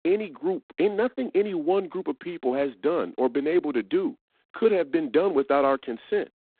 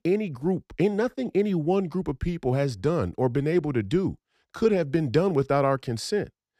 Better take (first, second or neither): second